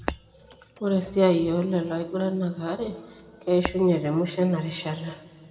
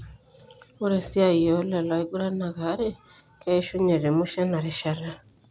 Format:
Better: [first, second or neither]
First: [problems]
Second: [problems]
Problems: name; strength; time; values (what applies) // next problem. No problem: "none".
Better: second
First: background sound (Shatter); 13 dB below the speech // room echo; dies away in 1.5 s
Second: none